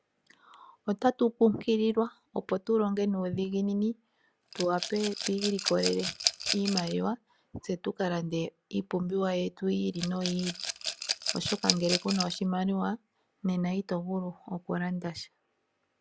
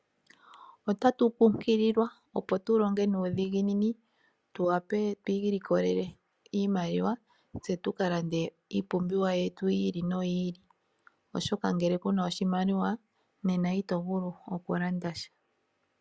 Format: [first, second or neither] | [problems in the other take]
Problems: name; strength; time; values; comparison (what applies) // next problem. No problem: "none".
second | background sound (Rattle / Glass); 4 dB below the speech